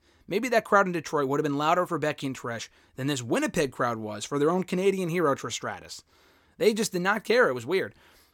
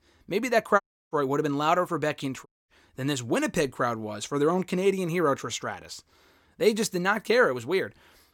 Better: first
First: none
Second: audio cutting out; at 1 s and at 2.5 s

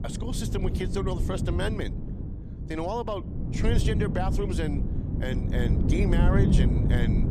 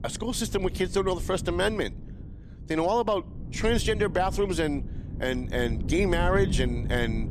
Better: second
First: wind noise on the microphone; heavy; 4 dB below the speech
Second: wind noise on the microphone; occasional gusts; 15 dB below the speech

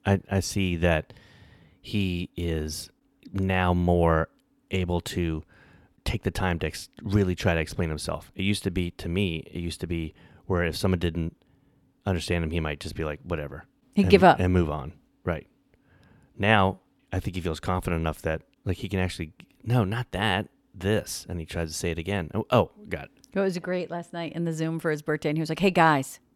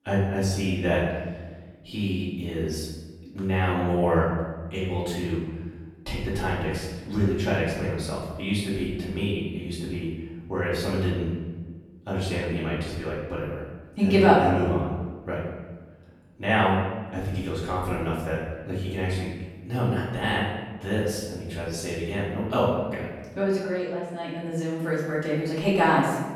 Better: first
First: none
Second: off-mic speech; far // room echo; noticeable; dies away in 1.1 s

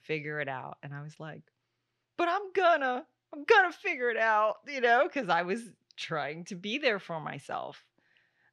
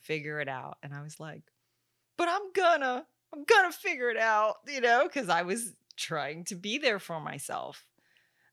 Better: second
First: muffled; very slightly; fading above 3.5 kHz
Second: none

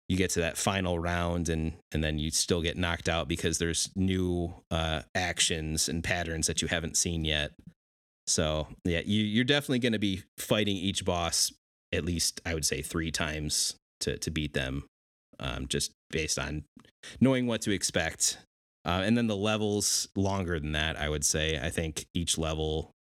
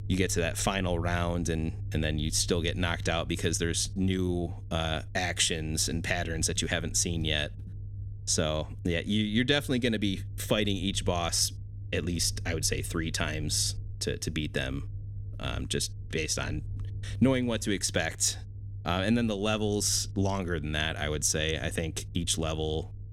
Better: first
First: none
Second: low rumble; faint; throughout; 25 dB below the speech

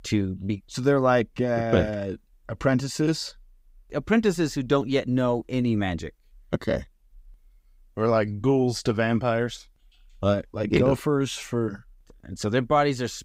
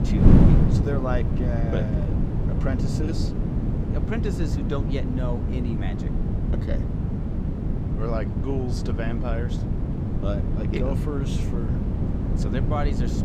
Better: first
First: none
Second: wind noise on the microphone; heavy; as loud as the speech

